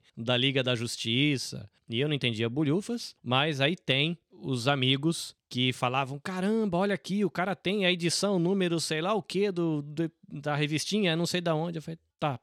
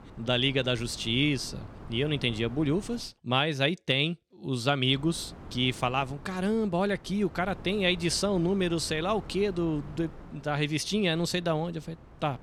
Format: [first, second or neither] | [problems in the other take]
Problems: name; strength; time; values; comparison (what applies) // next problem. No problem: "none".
first | wind noise on the microphone; occasional gusts; until 3 s and from 5 s on; 20 dB below the speech